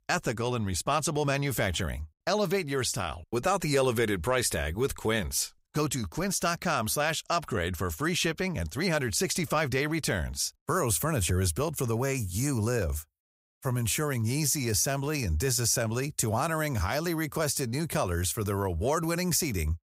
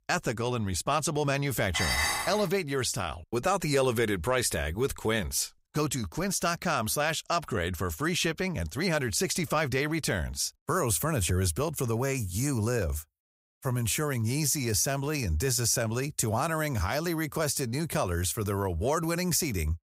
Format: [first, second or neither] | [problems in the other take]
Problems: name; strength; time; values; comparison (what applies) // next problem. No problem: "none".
first | clattering dishes; loud; at 1.5 s; peak 3 dB above the speech